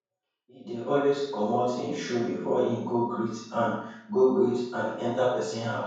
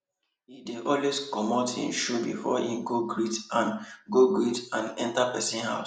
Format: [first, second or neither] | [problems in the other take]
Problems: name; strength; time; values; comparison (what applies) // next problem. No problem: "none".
second | room echo; dies away in 0.6 s